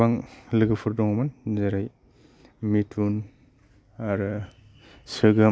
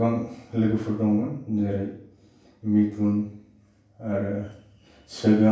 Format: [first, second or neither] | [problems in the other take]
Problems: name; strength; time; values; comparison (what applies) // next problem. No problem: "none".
first | room echo; dies away in 0.7 s